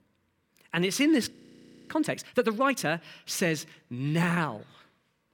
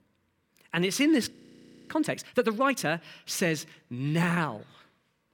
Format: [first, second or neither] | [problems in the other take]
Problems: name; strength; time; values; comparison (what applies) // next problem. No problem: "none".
neither | audio freezing; at 1.5 s for 0.5 s; the same in both